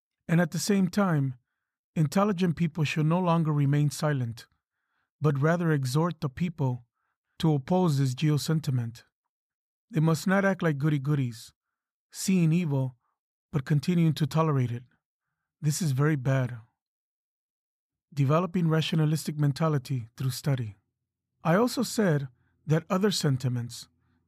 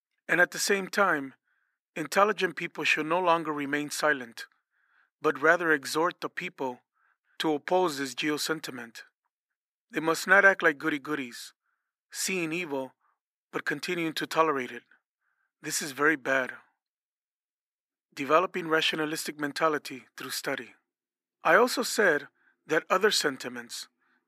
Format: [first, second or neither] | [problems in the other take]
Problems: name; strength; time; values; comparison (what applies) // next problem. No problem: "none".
first | thin; very; fading below 300 Hz